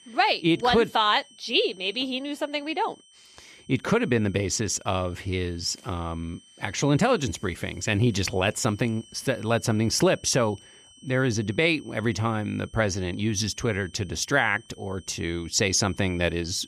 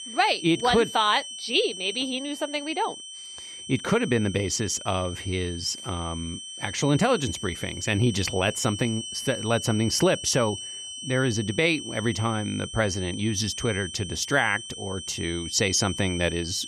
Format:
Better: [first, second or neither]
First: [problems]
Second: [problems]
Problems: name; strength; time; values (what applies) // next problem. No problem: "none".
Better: first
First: high-pitched whine; faint; throughout; 3 kHz, 25 dB below the speech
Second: high-pitched whine; loud; throughout; 3 kHz, 9 dB below the speech